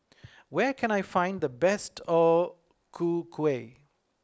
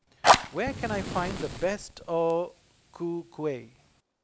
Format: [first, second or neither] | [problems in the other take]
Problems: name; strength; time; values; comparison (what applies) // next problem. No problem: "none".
first | background sound (Fire); 2 dB above the speech